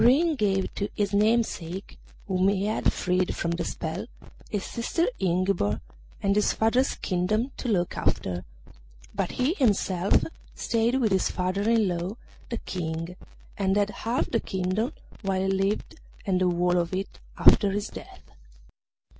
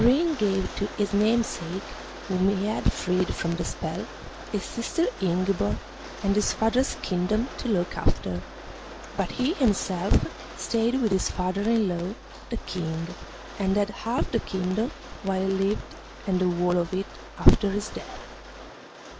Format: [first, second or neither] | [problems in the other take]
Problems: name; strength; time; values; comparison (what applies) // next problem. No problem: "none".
first | background sound (Rain); 15 dB below the speech